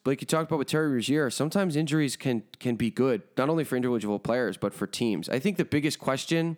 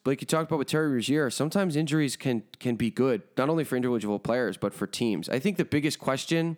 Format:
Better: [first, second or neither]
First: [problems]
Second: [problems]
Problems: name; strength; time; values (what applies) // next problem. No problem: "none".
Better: neither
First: none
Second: none